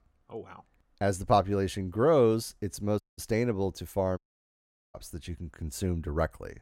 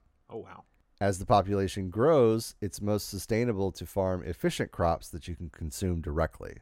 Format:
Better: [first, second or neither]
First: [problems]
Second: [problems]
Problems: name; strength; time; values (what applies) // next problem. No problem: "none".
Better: second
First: audio cutting out; at 3 s and at 4 s for 1 s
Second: none